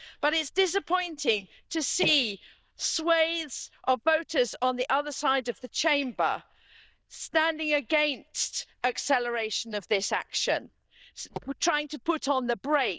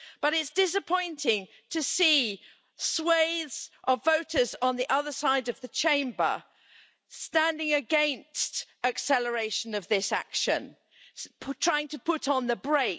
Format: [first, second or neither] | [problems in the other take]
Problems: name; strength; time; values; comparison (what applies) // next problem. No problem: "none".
second | noise reduction (neural diffusion model UNIVERSE++)